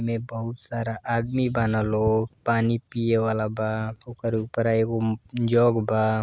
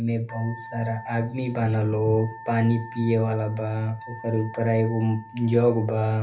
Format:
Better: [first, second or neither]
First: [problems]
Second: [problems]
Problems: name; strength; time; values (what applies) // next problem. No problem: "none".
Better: first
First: none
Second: background sound (Wind instrument, woodwind instrument); 18 dB below the speech // room echo; dies away in 0.3 s